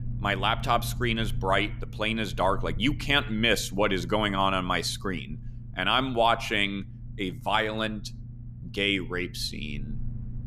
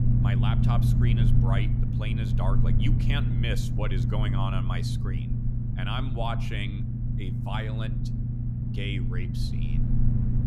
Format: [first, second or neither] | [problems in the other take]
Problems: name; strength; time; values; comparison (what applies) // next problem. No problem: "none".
first | low rumble; loud; throughout; 2 dB below the speech; faint in the first